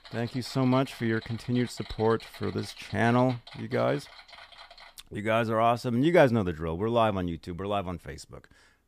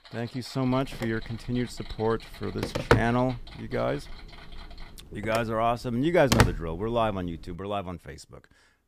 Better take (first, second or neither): first